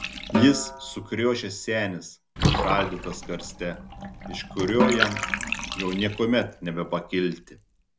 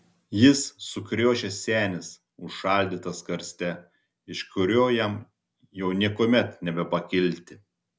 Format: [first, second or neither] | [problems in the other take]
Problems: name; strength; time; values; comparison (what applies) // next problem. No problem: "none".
second | background sound (Bathtub (filling or washing) / Water + Snare drum); 2 dB below the speech